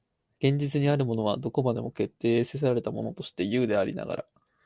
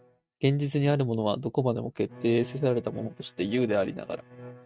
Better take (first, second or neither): first